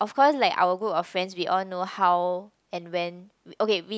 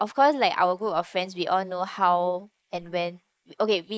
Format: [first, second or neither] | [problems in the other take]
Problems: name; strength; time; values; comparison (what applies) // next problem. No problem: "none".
first | noise reduction (neural mask model Resemble Enhance denoiser)